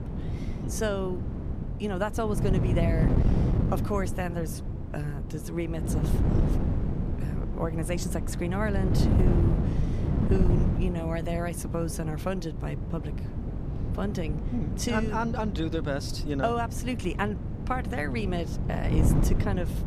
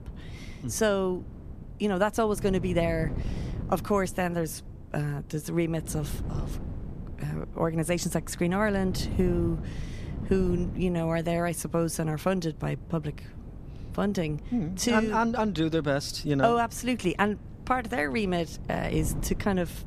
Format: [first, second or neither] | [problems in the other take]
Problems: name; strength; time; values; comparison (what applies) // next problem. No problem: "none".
second | wind noise on the microphone; heavy; 5 dB below the speech; occasional gusts in the second